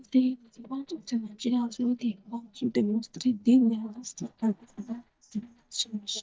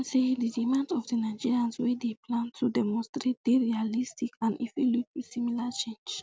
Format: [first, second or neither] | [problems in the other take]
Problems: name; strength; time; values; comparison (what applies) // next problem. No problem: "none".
second | noise reduction (neural mask model DeepFilterNet 3)